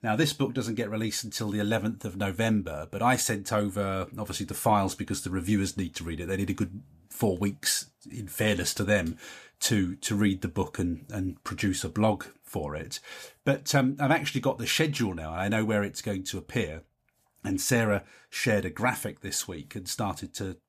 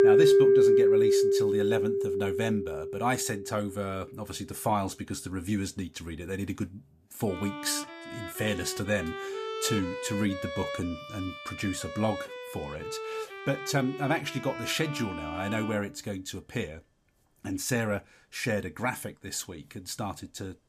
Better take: first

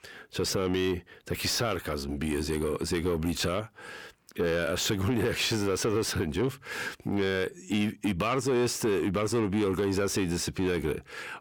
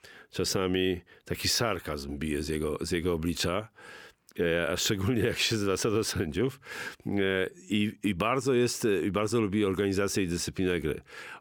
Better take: second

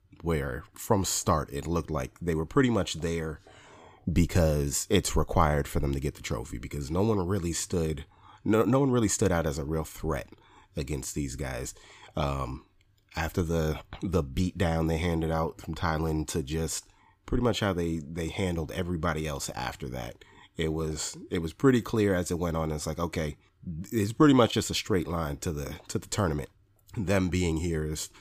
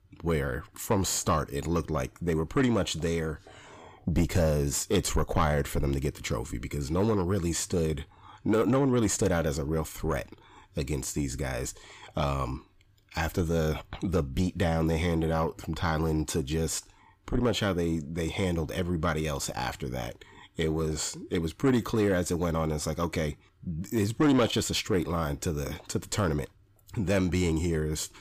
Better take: first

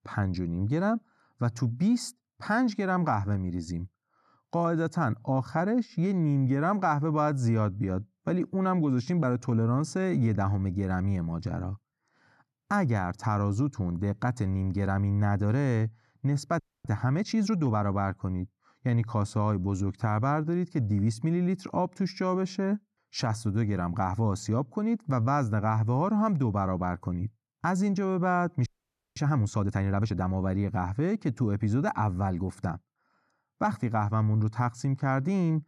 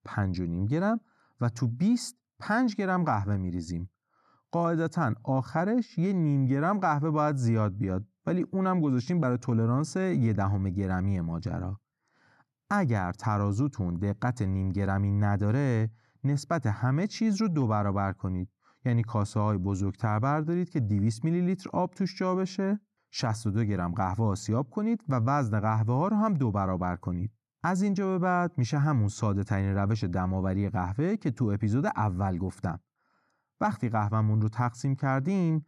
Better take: second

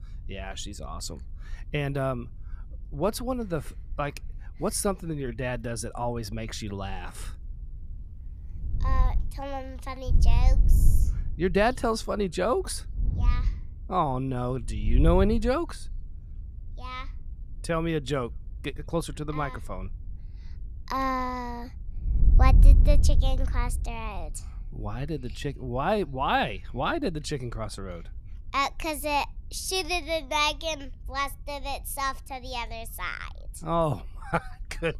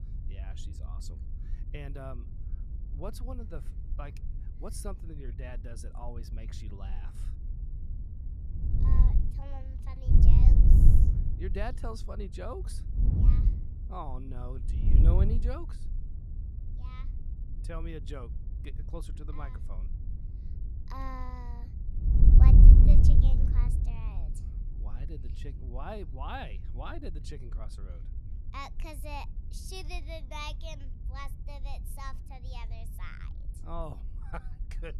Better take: first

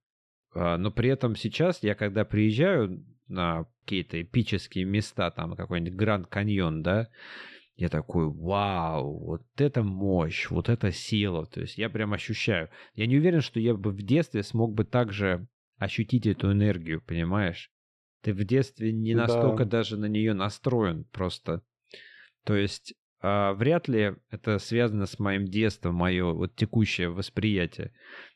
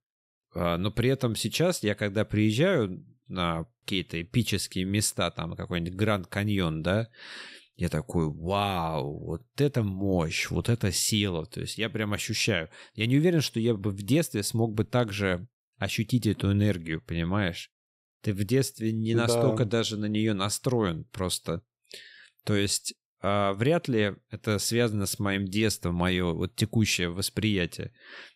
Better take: second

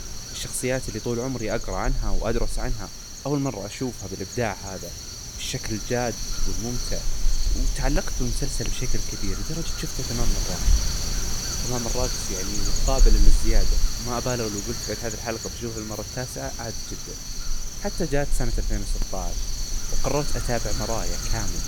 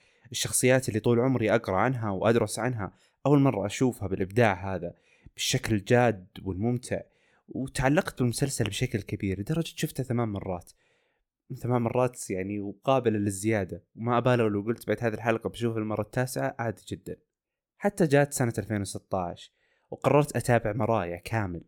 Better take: second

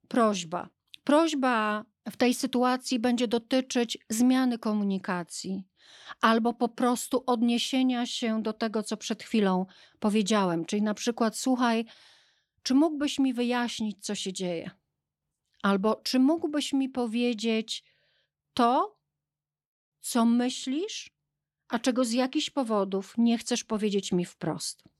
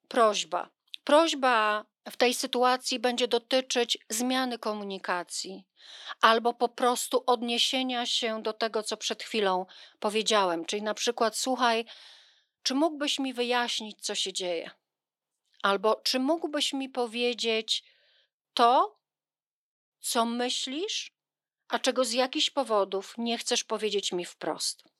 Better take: first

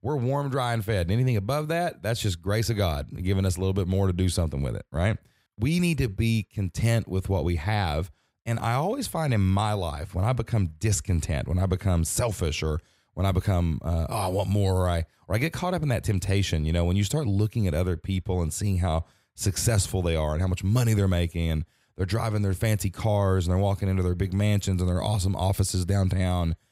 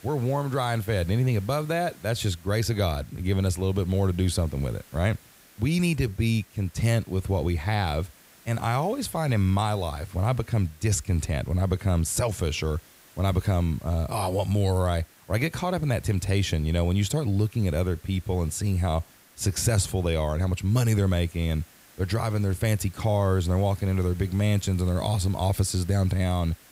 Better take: first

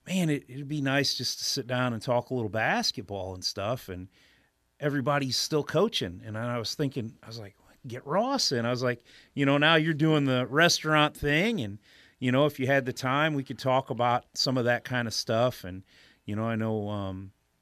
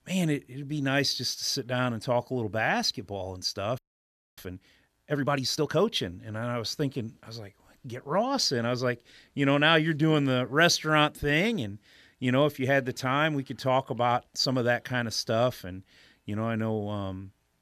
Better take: first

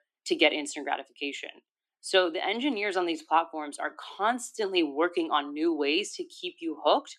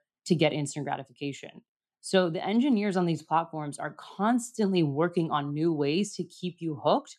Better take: second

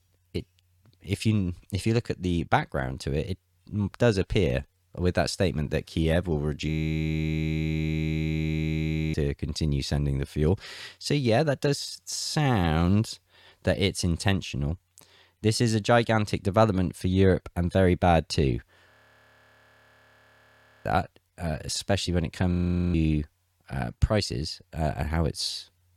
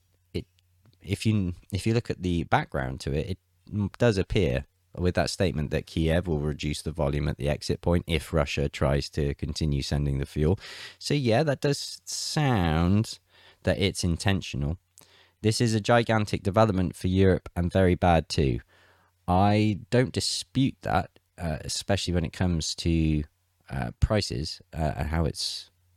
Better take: second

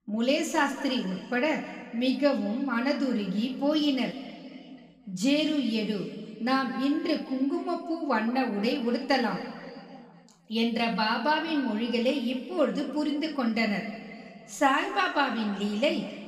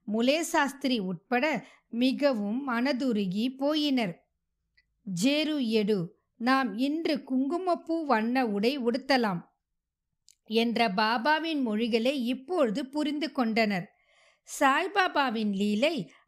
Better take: second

